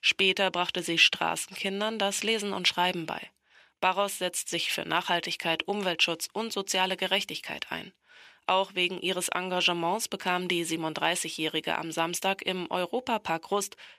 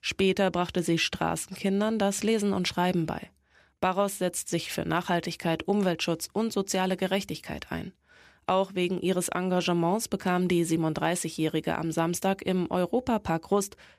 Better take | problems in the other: second | thin; somewhat; fading below 550 Hz

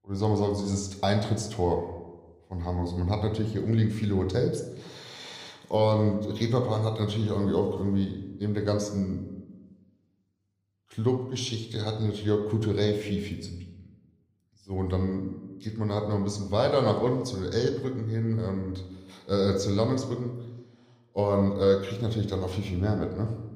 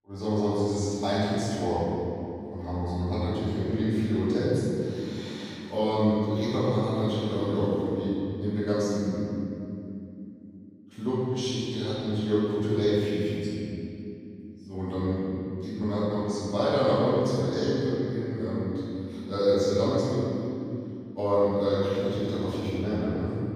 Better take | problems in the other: first | room echo; strong; dies away in 2.6 s; slight in the first // off-mic speech; far

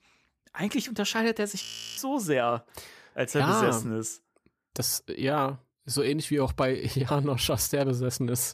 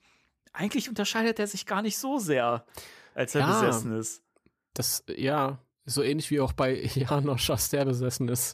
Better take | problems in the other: second | audio freezing; at 1.5 s

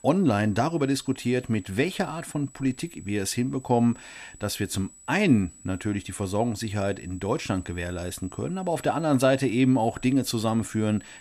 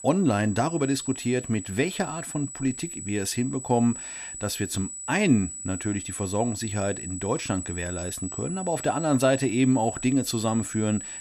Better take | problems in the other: first | high-pitched whine; loud; throughout; 8 kHz, 8 dB below the speech; faint in the first

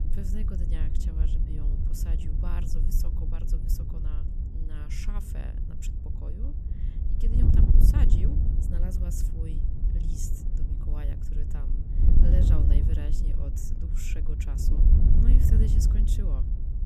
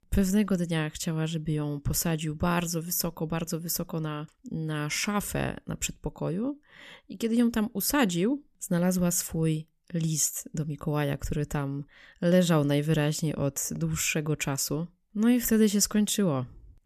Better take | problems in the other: second | wind noise on the microphone; heavy; 2 dB above the speech

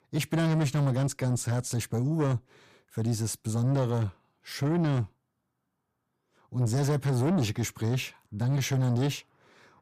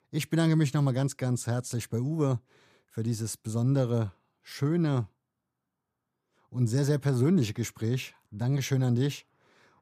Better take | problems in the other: second | distortion; slight; 10 dB below the speech

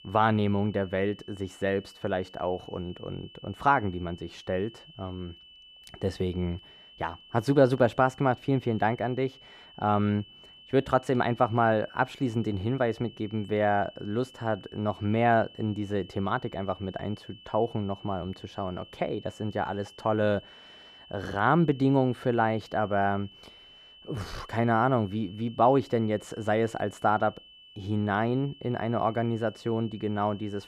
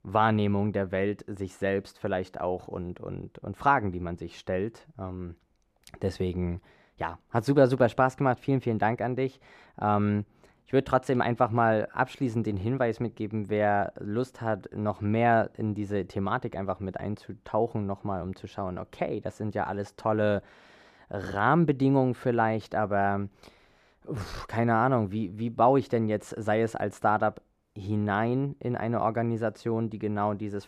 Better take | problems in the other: second | high-pitched whine; faint; throughout; 3 kHz, 20 dB below the speech

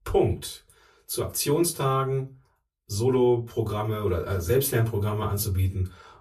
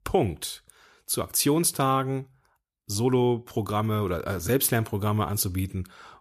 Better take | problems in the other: second | off-mic speech; far // room echo; very slight; dies away in 0.2 s

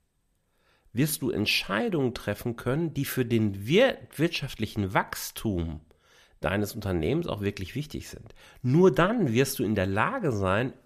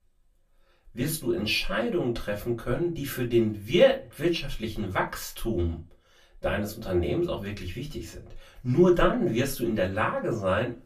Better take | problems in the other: first | off-mic speech; far // room echo; very slight; dies away in 0.2 s

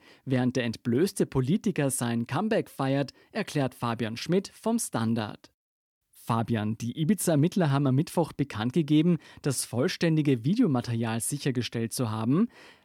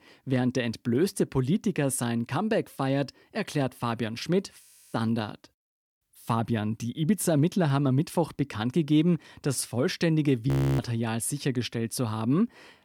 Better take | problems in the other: first | audio freezing; at 4.5 s and at 10 s

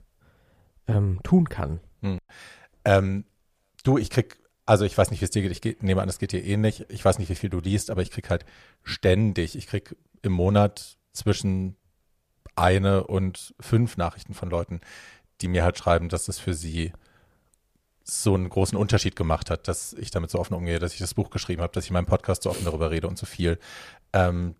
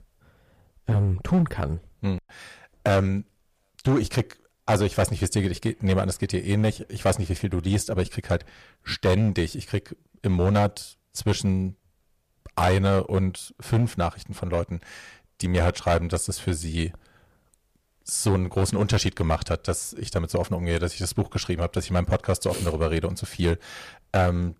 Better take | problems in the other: first | distortion; slight; 5% of the sound clipped

